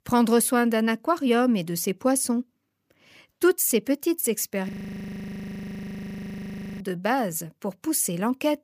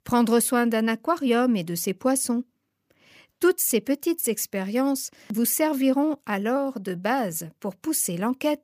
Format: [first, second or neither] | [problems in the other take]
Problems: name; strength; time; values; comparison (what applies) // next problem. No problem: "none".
second | audio freezing; at 4.5 s for 2 s